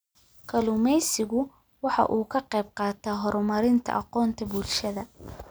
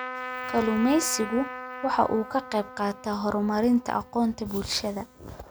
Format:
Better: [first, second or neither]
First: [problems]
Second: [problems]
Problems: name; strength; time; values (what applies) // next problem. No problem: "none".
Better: first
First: none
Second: background sound (Trumpet); 12 dB below the speech